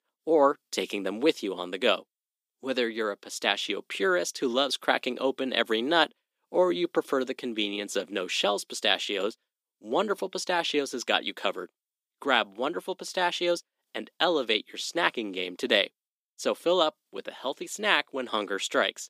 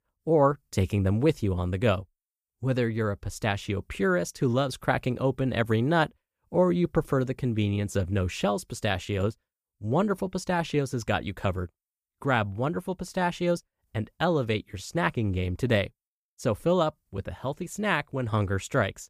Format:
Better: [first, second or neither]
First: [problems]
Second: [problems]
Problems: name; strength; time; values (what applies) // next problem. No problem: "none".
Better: second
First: thin; somewhat; fading below 250 Hz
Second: none